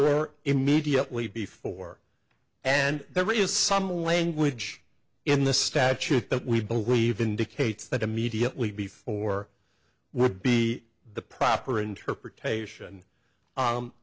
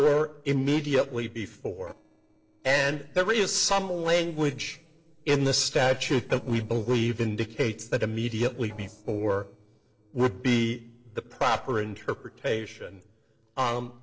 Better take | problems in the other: first | noise reduction (neural separator model SepFormer DNS4)

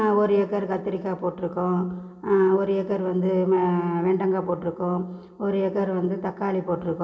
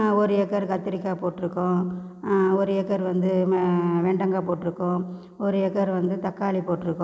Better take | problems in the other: second | room echo; dies away in 0.2 s

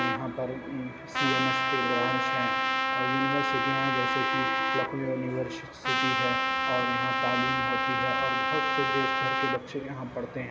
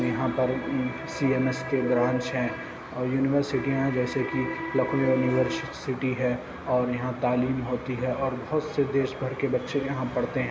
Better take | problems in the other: second | background sound (Trumpet); 5 dB above the speech

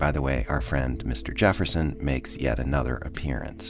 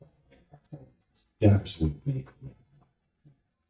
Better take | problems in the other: first | noise reduction (neural mask model DeepFilterNet 3)

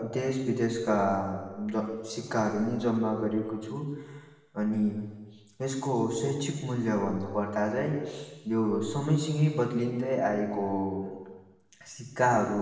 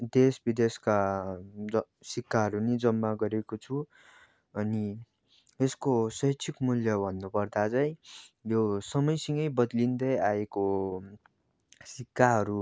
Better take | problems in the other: second | room echo; dies away in 1.3 s

